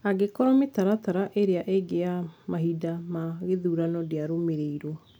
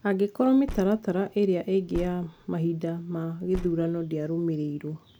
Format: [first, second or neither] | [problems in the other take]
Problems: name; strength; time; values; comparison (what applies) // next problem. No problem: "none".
first | background sound (Car); 15 dB below the speech